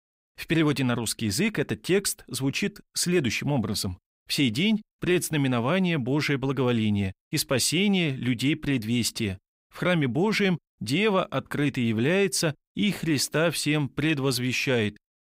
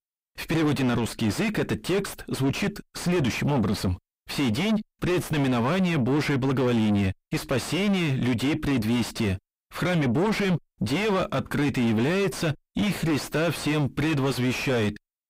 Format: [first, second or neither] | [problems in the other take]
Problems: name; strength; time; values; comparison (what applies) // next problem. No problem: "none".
first | distortion; heavy; 4 dB below the speech